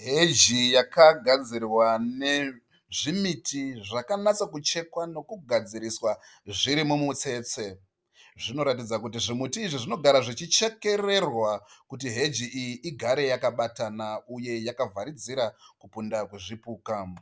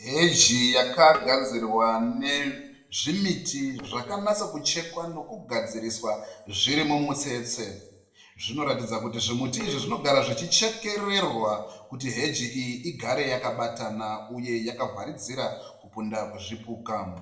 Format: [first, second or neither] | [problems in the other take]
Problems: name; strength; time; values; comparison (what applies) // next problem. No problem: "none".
first | noise reduction (neural separator model SepFormer DNS4)